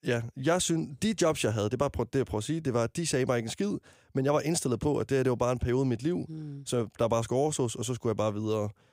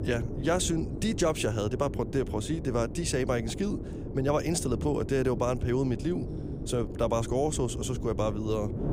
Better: first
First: none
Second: wind noise on the microphone; occasional gusts; 10 dB below the speech

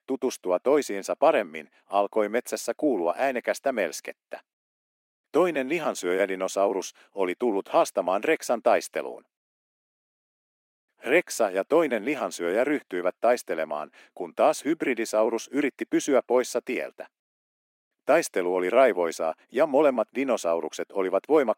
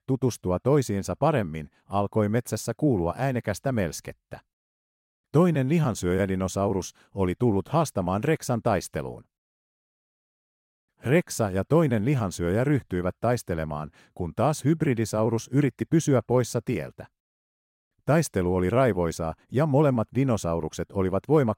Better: second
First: thin; somewhat; fading below 250 Hz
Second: none

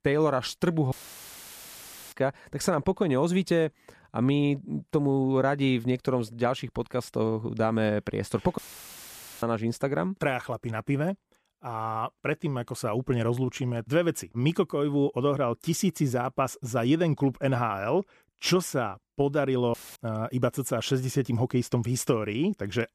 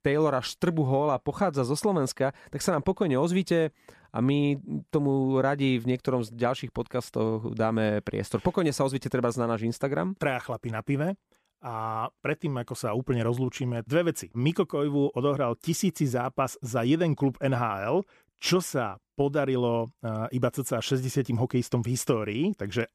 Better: second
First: audio cutting out; filled with static; at 1 s for 1 s, at 8.5 s for 1 s and at 20 s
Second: none

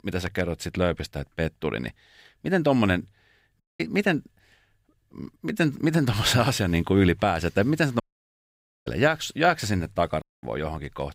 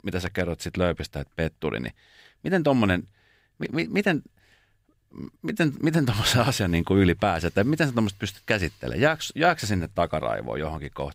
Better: second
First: audio cutting out; at 3.5 s, at 8 s for 1 s and at 10 s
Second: none

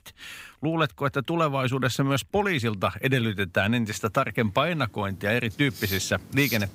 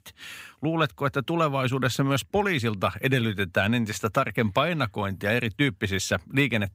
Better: second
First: household noises; noticeable; throughout; 10 dB below the speech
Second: none

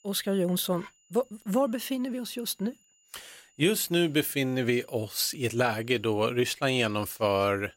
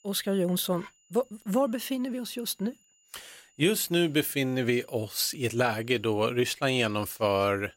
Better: neither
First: high-pitched whine; faint; throughout; 7 kHz, 35 dB below the speech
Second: high-pitched whine; faint; throughout; 7 kHz, 35 dB below the speech

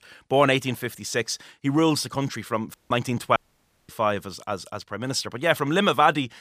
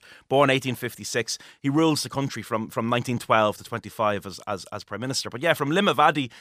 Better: second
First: audio cutting out; at 2.5 s and at 3.5 s for 0.5 s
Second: none

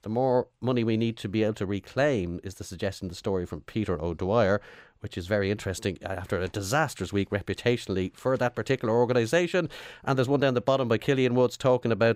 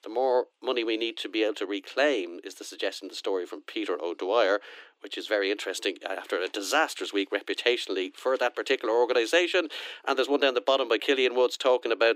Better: first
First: none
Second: thin; somewhat; fading below 300 Hz

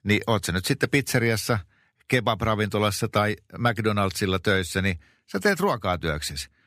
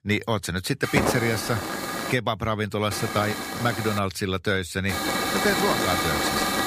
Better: first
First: none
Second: hiss; loud; from 1 to 2 s, from 3 to 4 s and from 5 s on; as loud as the speech

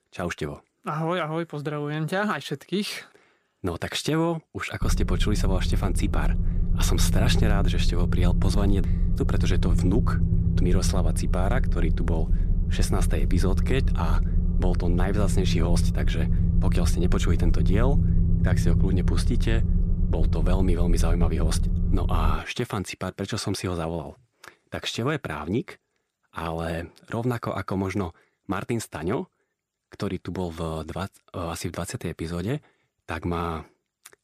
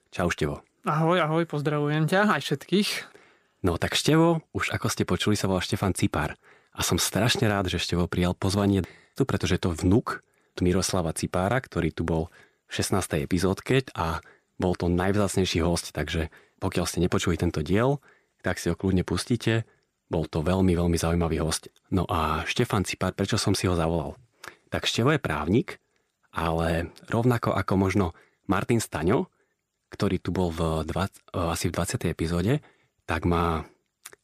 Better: second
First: low rumble; loud; from 5 to 22 s; 7 dB below the speech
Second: none

